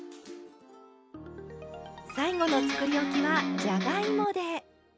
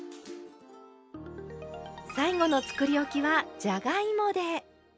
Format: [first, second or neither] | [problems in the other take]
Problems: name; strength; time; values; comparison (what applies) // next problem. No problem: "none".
second | background sound (Electric guitar); 1 dB above the speech